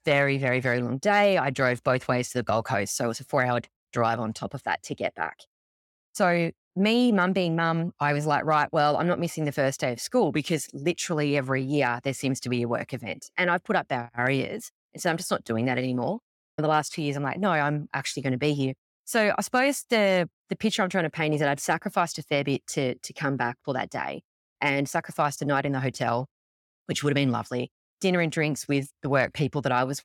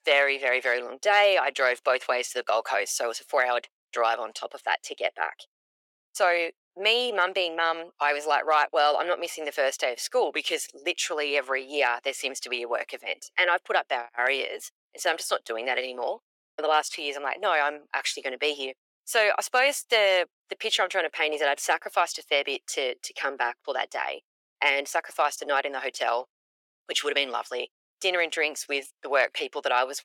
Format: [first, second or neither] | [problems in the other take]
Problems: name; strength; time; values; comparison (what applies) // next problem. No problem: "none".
first | thin; very; fading below 400 Hz